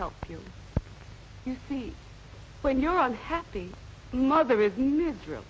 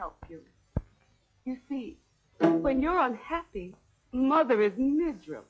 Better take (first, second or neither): first